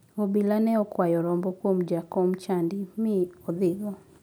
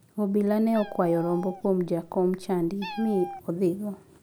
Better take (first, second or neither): first